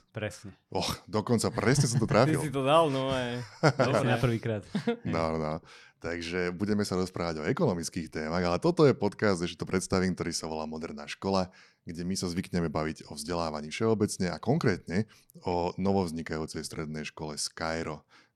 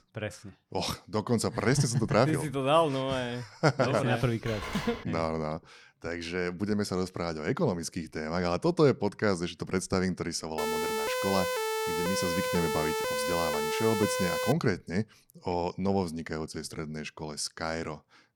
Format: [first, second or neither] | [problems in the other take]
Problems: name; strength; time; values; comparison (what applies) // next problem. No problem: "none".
first | phone ringing; noticeable; at 4.5 s; peak 6 dB below the speech // siren; loud; from 11 to 15 s; peak level with the speech